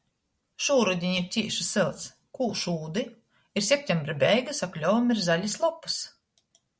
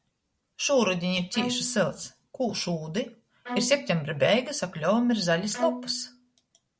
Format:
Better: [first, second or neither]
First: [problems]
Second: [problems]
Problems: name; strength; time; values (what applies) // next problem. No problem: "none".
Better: first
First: none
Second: background sound (Bowed string instrument); 9 dB below the speech